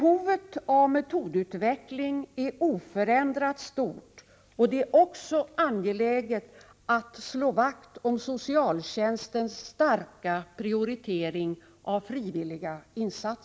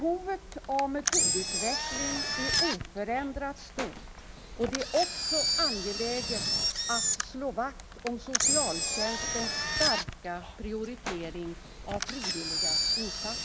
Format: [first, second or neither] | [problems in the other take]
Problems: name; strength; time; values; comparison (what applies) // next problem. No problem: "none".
first | background sound (Engine); 3 dB above the speech